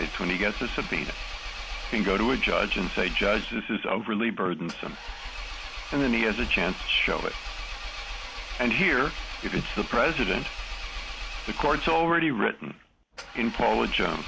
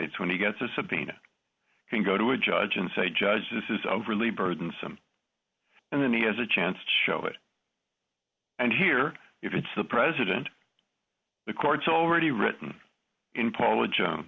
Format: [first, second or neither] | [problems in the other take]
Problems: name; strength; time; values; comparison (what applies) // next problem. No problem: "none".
second | background sound (Engine); 8 dB below the speech